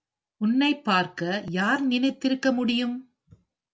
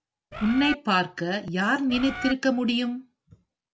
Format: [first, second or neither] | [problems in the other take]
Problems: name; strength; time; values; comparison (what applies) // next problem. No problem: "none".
first | background sound (Bird); 7 dB below the speech